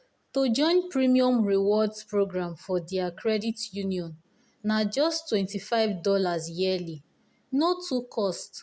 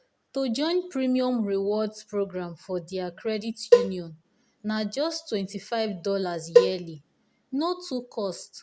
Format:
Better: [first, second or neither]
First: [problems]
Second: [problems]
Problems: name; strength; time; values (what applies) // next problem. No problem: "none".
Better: first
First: none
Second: background sound (Cowbell); 5 dB above the speech